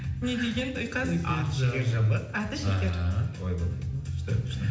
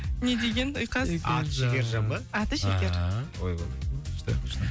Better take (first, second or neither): second